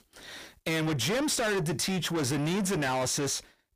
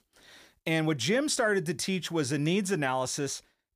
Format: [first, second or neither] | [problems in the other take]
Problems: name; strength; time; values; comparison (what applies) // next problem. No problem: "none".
second | distortion; heavy; 6 dB below the speech